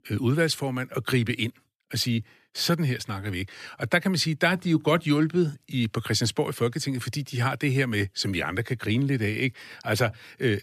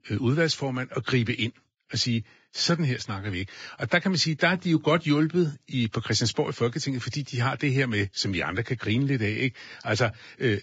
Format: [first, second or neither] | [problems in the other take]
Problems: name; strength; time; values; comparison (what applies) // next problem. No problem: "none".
first | garbled, watery; badly; nothing above 7.5 kHz